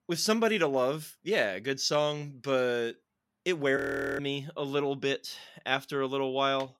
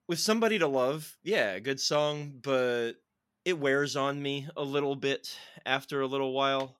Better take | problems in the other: second | audio freezing; at 4 s

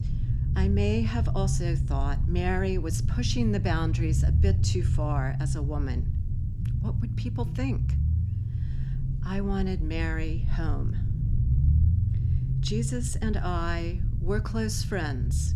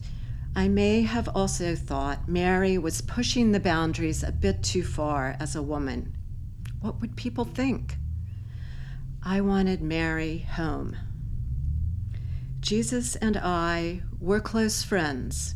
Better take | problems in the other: second | low rumble; loud; throughout; 8 dB below the speech; faint in the second

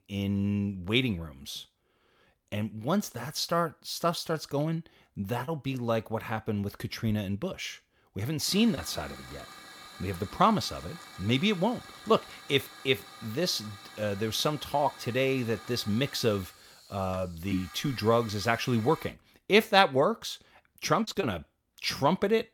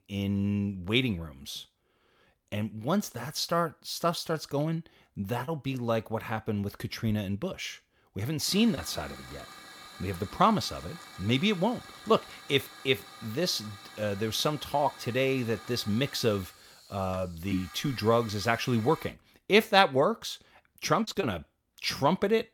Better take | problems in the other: neither | hiss; noticeable; from 8.5 to 19 s; 15 dB below the speech; the same in both

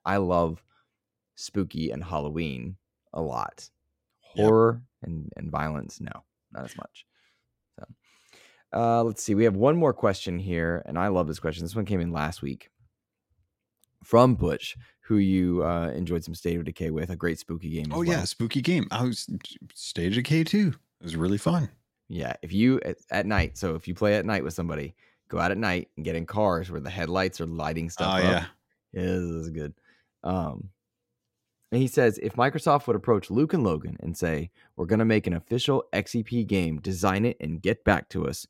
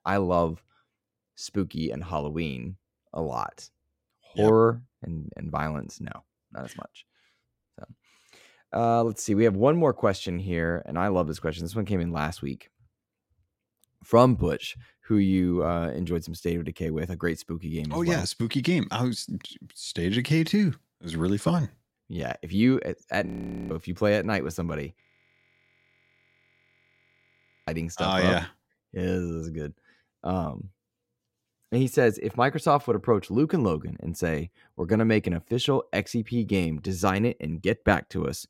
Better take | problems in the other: first | audio freezing; at 23 s and at 25 s for 2.5 s

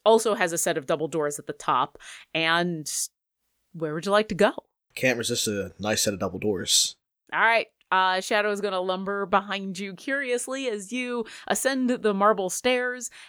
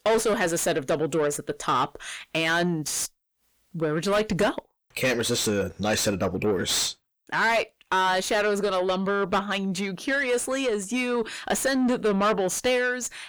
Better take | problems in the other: first | distortion; heavy; 6 dB below the speech

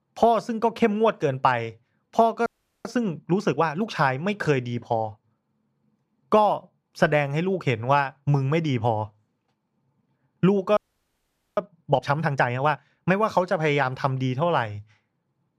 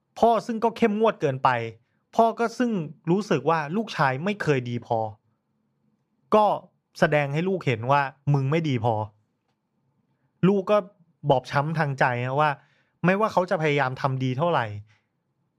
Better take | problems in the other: second | audio freezing; at 2.5 s and at 11 s for 1 s

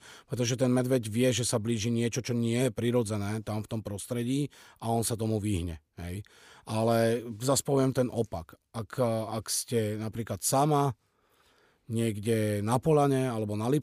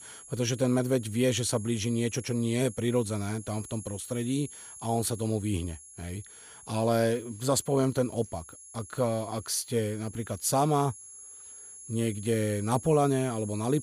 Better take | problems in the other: first | high-pitched whine; noticeable; throughout; 10.5 kHz, 15 dB below the speech

